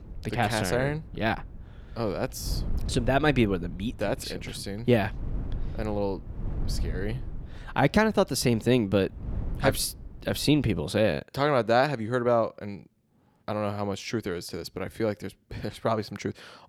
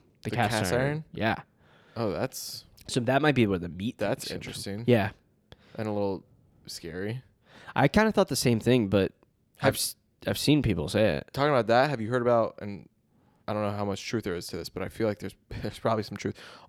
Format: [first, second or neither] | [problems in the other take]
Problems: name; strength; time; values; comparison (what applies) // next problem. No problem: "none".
second | wind noise on the microphone; occasional gusts; until 11 s; 25 dB below the speech